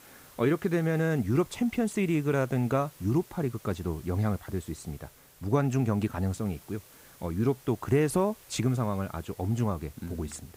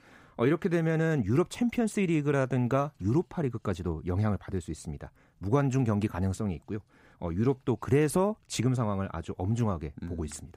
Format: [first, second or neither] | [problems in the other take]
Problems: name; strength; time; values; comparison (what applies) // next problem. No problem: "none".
second | hiss; faint; throughout; 25 dB below the speech